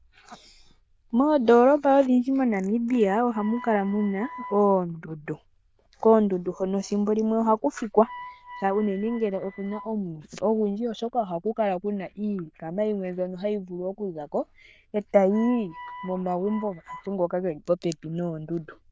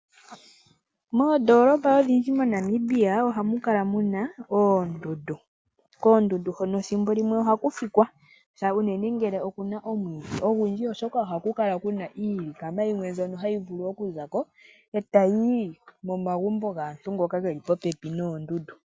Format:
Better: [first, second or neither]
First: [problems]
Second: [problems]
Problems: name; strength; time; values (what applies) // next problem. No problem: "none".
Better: second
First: noise reduction (neural diffusion model UNIVERSE++)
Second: none